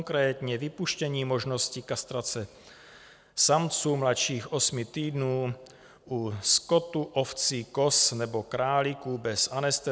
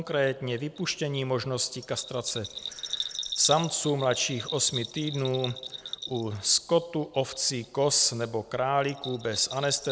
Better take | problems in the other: first | background sound (Bell); 11 dB below the speech

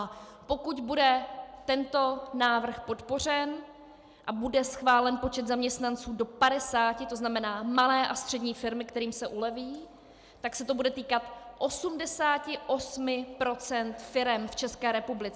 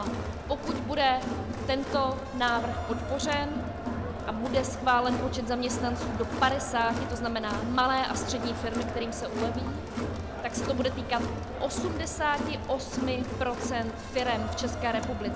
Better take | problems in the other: first | background sound (Crowd); 3 dB below the speech

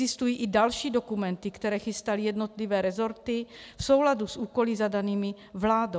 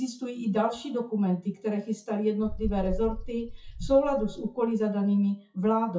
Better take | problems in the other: first | noise reduction (classical method WPE with log-MMSE)

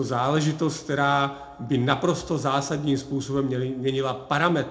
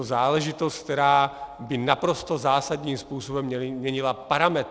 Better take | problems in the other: second | room echo; dies away in 0.3 s

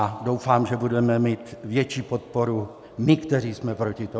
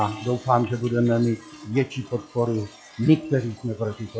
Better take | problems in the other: first | noise reduction (classical method log-MMSE)

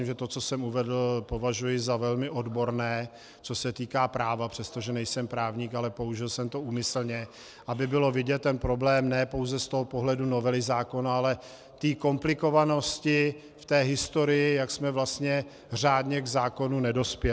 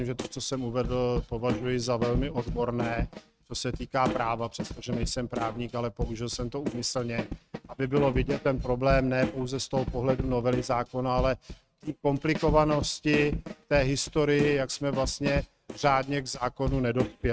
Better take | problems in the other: first | noise reduction (neural mask model RNNoise)

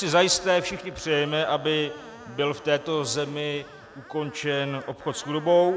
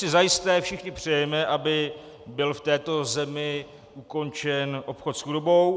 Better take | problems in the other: second | background sound (Screech); 20 dB below the speech

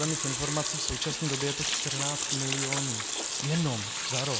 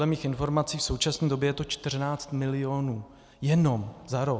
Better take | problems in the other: second | background sound (Sink (filling or washing) / Water tap, faucet); 2 dB above the speech

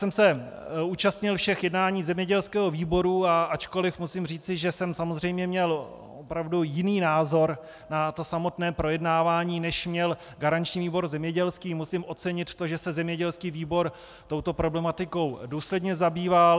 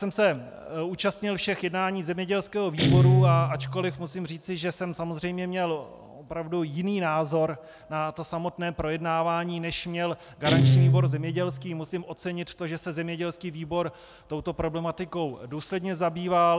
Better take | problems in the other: first | background sound (Guitar); 1 dB below the speech

